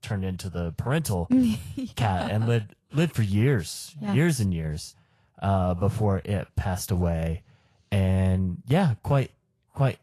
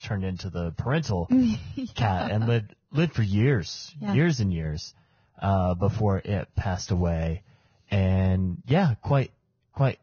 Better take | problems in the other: first | garbled, watery; badly; nothing above 6.5 kHz; slightly in the first

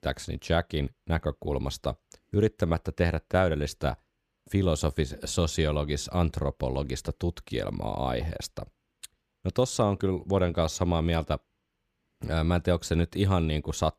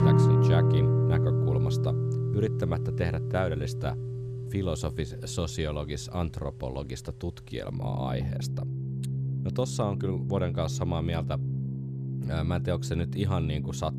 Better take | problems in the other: first | background music; very loud; throughout; 4 dB above the speech

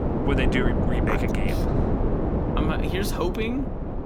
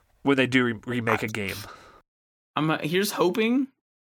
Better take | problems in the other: second | wind noise on the microphone; heavy; as loud as the speech

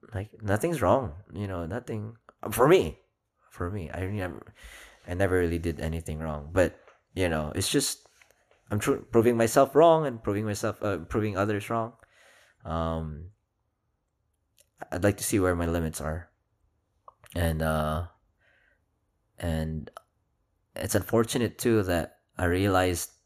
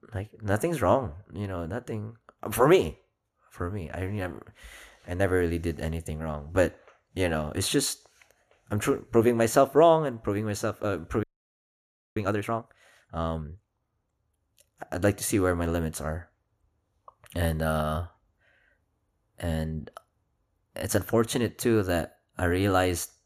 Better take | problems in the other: first | audio freezing; at 11 s for 1 s

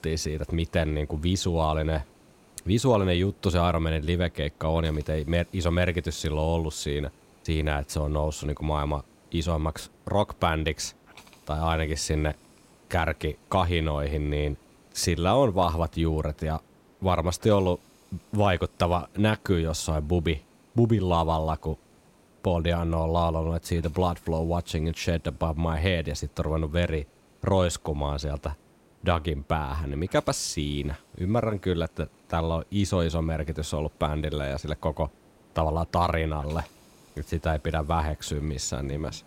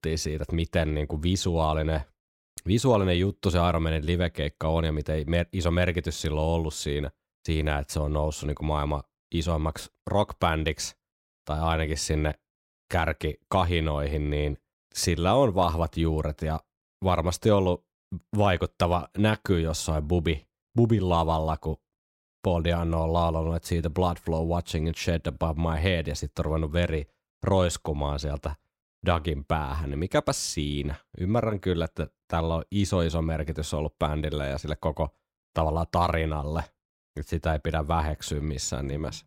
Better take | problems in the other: second | hiss; faint; throughout; 30 dB below the speech

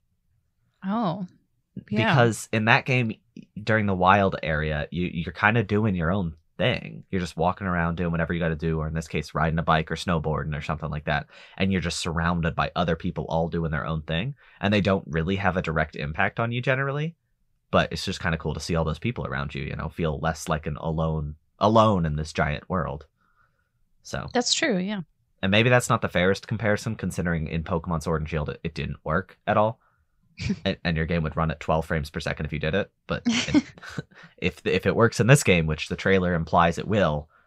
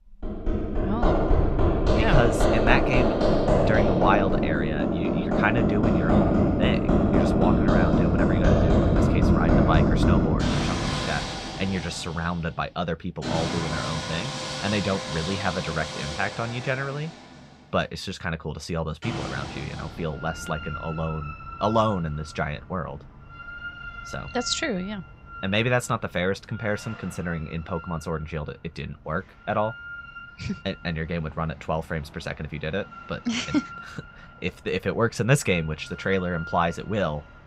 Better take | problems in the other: first | machinery noise; very loud; throughout; 4 dB above the speech

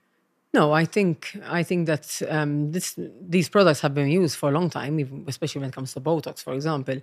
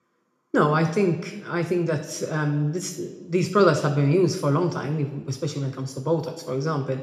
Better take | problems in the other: first | room echo; slight; dies away in 0.7 s // off-mic speech; somewhat distant

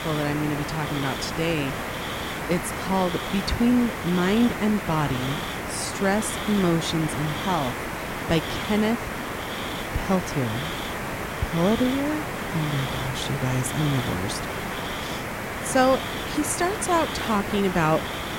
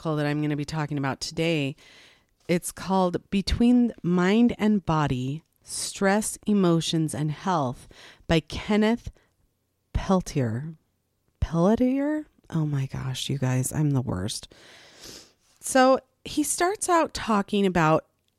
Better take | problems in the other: second | hiss; loud; throughout; 4 dB below the speech

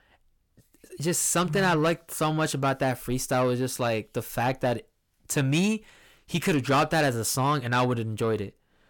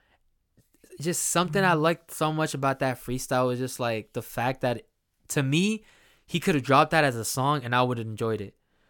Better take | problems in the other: second | distortion; slight; 10 dB below the speech

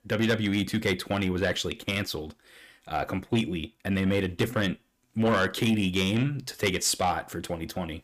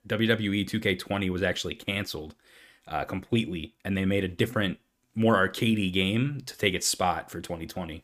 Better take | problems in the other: second | distortion; slight; 10 dB below the speech

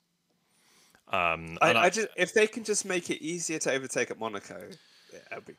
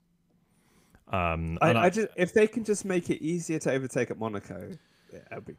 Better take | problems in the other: second | thin; somewhat; fading below 1 kHz

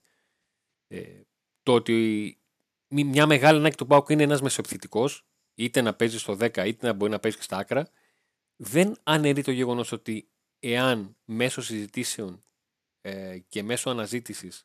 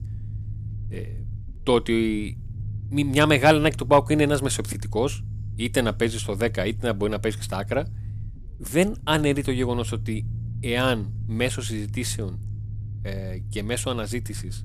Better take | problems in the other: first | low rumble; faint; throughout; 25 dB below the speech

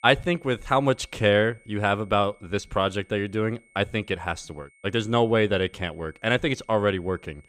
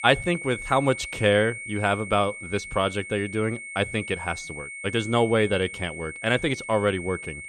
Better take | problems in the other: first | high-pitched whine; loud; throughout; 2 kHz, 10 dB below the speech; faint in the first

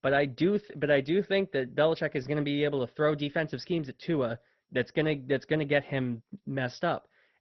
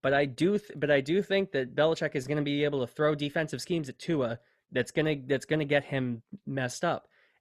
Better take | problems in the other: second | garbled, watery; slightly; nothing above 6 kHz

